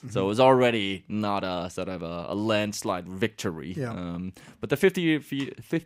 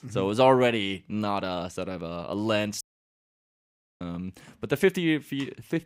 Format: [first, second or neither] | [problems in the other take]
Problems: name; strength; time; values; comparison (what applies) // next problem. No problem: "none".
first | audio cutting out; at 3 s for 1 s